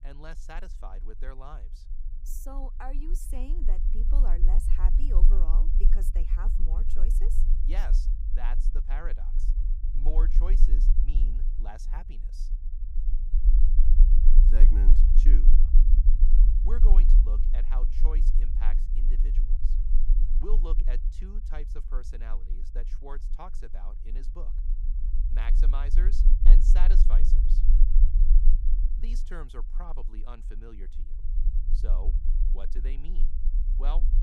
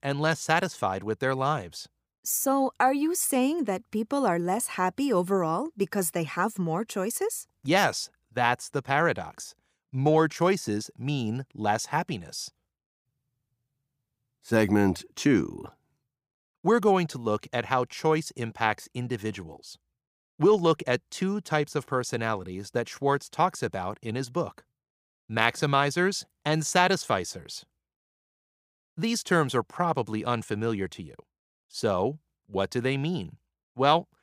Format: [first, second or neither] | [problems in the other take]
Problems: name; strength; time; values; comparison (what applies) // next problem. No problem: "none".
second | low rumble; loud; throughout; 5 dB below the speech